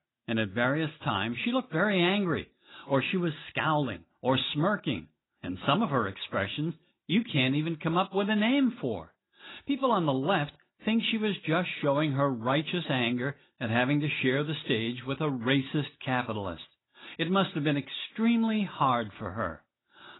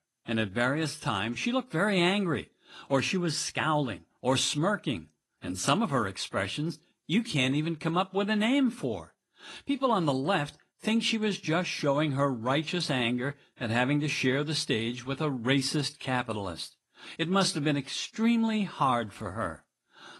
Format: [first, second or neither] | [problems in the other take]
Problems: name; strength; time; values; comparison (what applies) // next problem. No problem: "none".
second | garbled, watery; badly; nothing above 4 kHz; slightly in the second